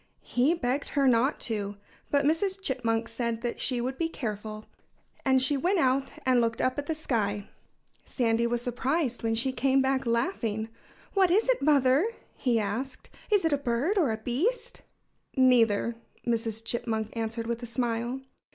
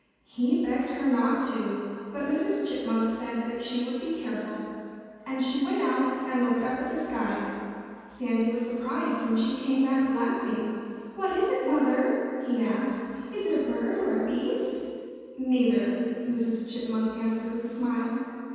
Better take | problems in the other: first | room echo; dies away in 2.1 s

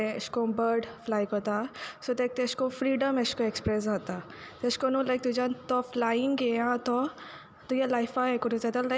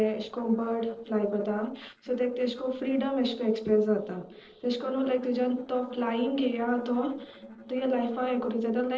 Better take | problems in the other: first | noise reduction (neural separator model SepFormer DNS4)

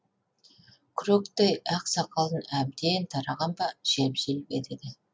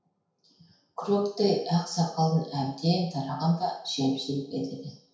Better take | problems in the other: first | room echo; dies away in 0.6 s

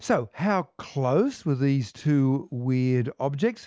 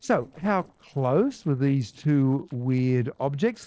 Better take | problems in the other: first | noise reduction (neural separator model SepFormer DNS4)

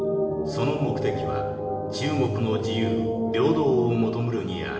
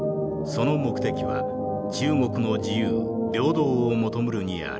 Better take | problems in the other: second | room echo; dies away in 1.2 s

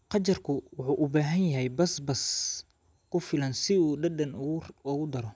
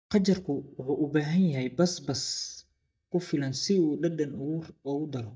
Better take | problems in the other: first | noise reduction (neural mask model DeepFilterNet 3)

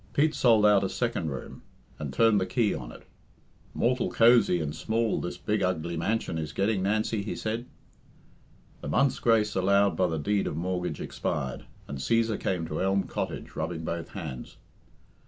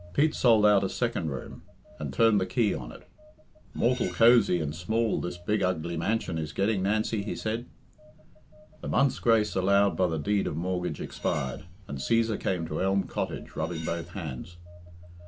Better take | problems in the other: first | background sound (Cutlery, silverware + Telephone); 20 dB below the speech

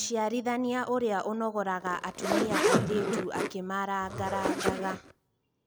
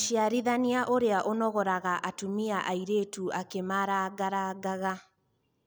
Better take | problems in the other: second | background sound (Zipper (clothing)); as loud as the speech

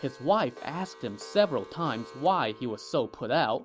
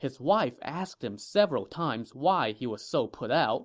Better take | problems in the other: second | background sound (Clock); 20 dB below the speech

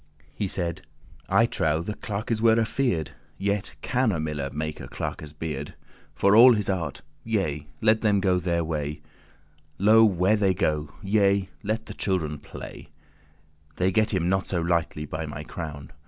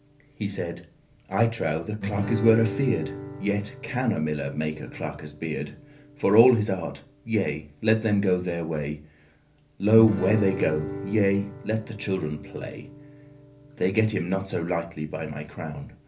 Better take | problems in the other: first | background sound (Guitar); 12 dB below the speech // room echo; dies away in 0.3 s

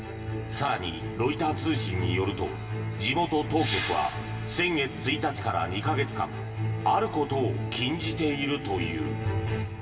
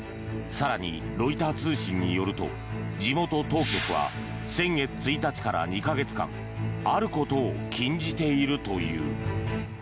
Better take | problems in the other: second | room echo; dies away in 2 s

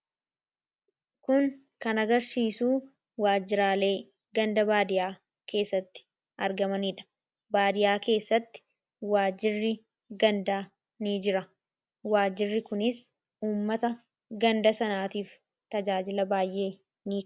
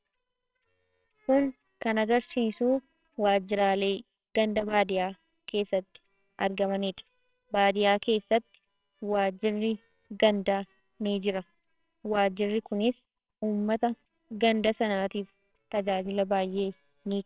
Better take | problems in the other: first | noise reduction (neural separator model SepFormer WHAMR!)

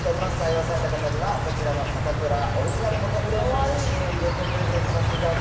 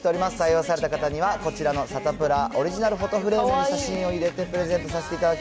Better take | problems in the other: second | background sound (Insect); 2 dB above the speech // room echo; dies away in 1.1 s

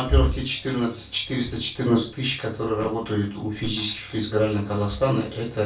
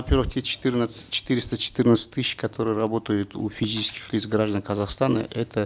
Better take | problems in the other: second | background sound (Fart); 19 dB below the speech // room echo; dies away in 0.3 s

